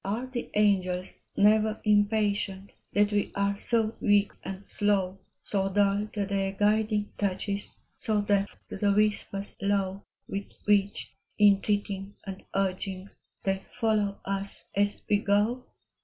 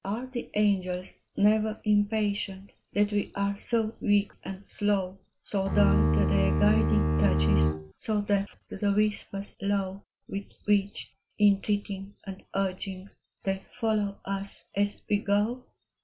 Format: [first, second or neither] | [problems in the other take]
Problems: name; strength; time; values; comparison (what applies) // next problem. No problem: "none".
first | background sound (Bowed string instrument); 4 dB above the speech